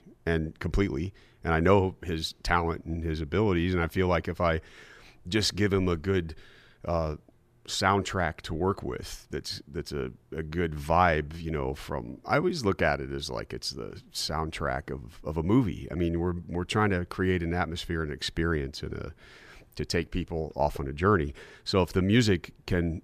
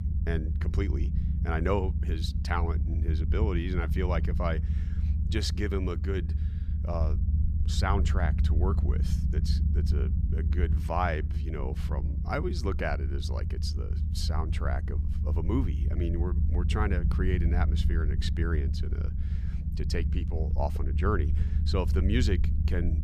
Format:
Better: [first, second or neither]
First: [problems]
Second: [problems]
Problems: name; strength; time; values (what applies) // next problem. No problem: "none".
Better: first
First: none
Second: low rumble; loud; throughout; 9 dB below the speech